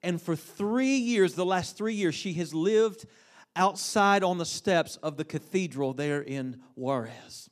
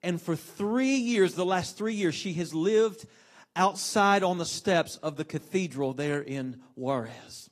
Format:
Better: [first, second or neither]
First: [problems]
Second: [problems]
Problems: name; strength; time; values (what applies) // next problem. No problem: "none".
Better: first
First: none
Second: garbled, watery; slightly; nothing above 14.5 kHz